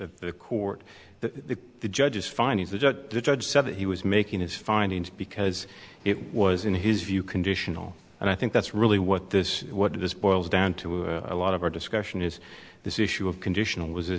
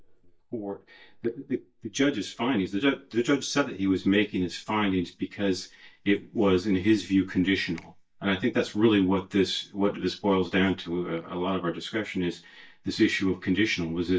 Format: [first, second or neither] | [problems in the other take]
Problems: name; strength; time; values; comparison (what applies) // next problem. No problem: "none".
first | noise reduction (neural mask model DeepFilterNet 3)